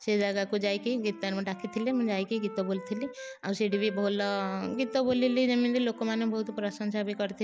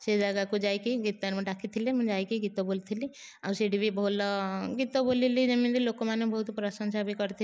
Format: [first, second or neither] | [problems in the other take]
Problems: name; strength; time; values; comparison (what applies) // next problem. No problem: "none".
second | background sound (Wind instrument, woodwind instrument); 16 dB below the speech